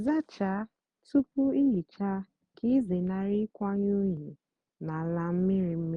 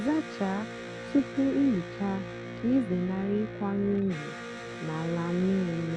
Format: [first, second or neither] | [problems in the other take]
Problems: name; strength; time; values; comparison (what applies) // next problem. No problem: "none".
first | background sound (Electric guitar); 10 dB below the speech